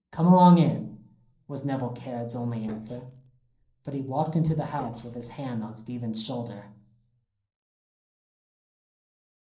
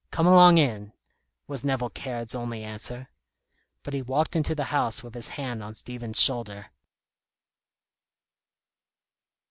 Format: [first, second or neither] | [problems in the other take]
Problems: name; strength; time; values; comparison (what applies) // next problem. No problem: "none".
second | noise reduction (neural separator model SepFormer DNS4)